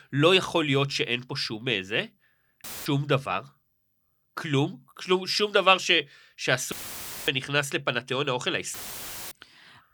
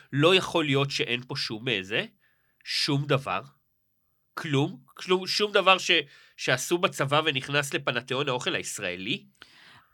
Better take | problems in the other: second | audio cutting out; filled with static; at 2.5 s, at 6.5 s for 0.5 s and at 8.5 s for 0.5 s

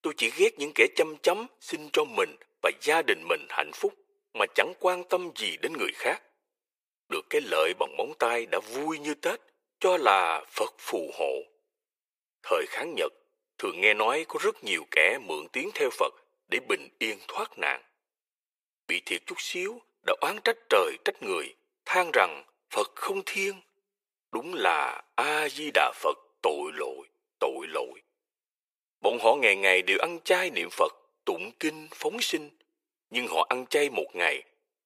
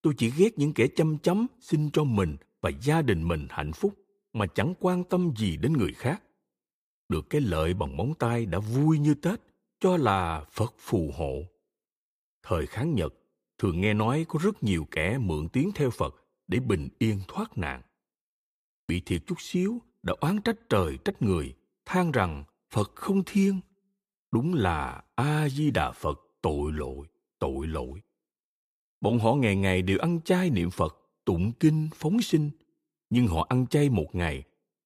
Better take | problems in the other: second | thin; very; fading below 450 Hz

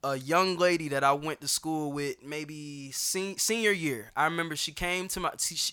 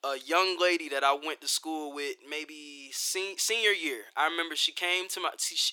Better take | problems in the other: first | thin; somewhat; fading below 350 Hz

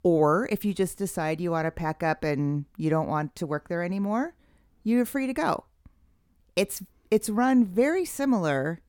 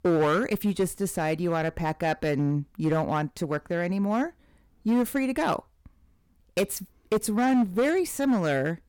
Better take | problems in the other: first | distortion; slight; 7% of the sound clipped

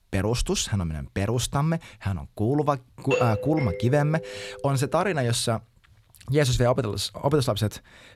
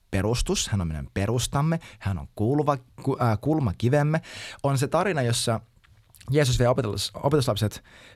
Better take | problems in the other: second | doorbell; noticeable; from 3 to 4.5 s; peak 2 dB below the speech

